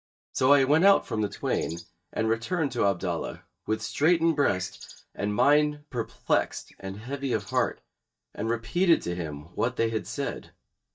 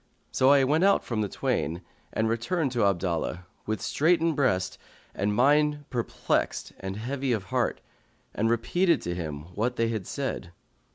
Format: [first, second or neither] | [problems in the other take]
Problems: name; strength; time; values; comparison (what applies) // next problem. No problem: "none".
second | noise reduction (neural mask model DeepFilterNet 3)